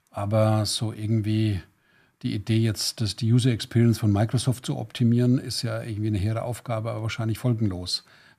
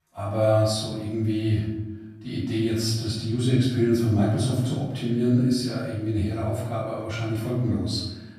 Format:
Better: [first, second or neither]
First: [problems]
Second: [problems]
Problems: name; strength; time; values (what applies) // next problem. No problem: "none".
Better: first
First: none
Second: off-mic speech; far // room echo; noticeable; dies away in 0.9 s